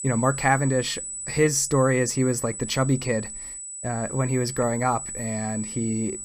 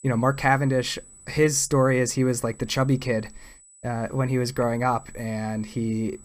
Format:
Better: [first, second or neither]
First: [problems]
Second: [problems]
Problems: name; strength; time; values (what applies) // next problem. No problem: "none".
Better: second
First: high-pitched whine; loud; throughout; 8 kHz, 8 dB below the speech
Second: high-pitched whine; faint; throughout; 8 kHz, 25 dB below the speech